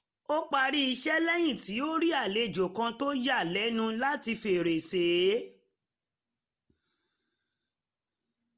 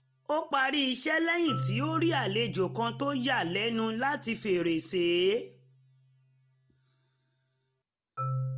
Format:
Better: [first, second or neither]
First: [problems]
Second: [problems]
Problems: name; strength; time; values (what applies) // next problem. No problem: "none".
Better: first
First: none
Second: background sound (Marimba, xylophone); 9 dB below the speech